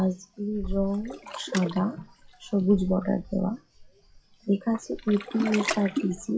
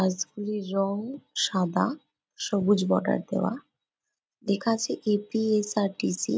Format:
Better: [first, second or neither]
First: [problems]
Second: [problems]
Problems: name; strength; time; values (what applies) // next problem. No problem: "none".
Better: second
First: noise reduction (classical method WPE with log-MMSE)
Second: none